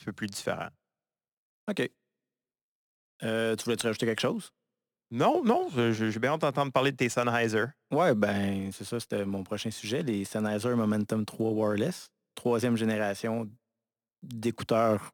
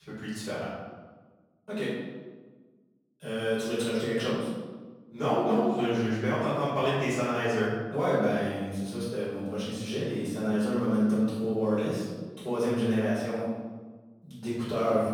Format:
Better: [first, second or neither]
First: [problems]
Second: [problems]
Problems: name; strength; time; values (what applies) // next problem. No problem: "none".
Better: first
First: none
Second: room echo; strong; dies away in 1.2 s // off-mic speech; far